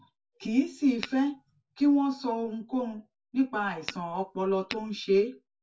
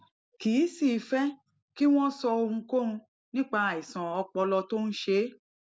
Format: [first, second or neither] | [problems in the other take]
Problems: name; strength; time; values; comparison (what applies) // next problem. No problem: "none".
second | background sound (Tap / Glass); 15 dB below the speech // room echo; dies away in 0.1 s